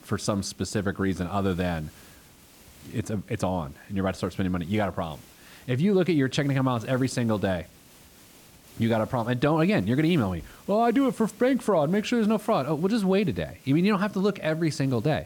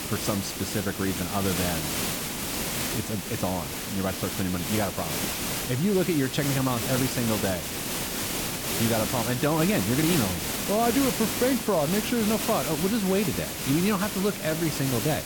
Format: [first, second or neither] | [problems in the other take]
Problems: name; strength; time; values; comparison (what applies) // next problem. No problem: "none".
first | hiss; loud; throughout; 2 dB below the speech; faint in the first